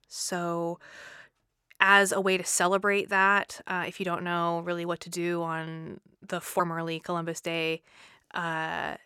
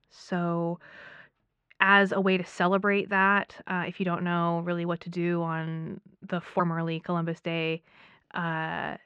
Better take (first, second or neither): first